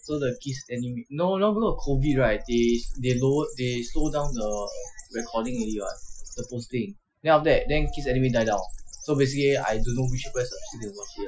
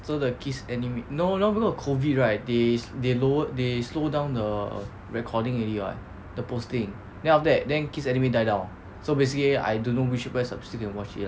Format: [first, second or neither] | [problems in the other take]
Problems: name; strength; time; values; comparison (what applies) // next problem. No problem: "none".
second | noise reduction (classical method Wiener filter)